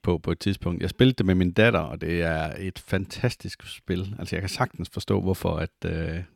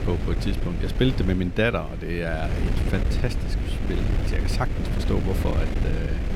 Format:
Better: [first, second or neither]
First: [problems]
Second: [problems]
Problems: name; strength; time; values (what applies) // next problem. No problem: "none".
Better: first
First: none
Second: wind noise on the microphone; heavy; 6 dB below the speech